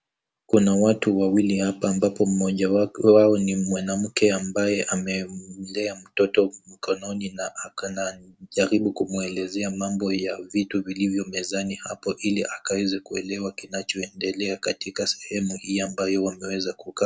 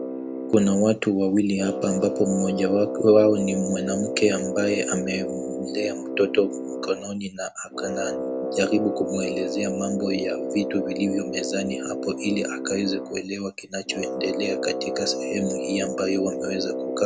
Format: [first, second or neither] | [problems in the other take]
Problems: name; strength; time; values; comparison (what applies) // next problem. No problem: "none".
first | background sound (Brass instrument); 5 dB below the speech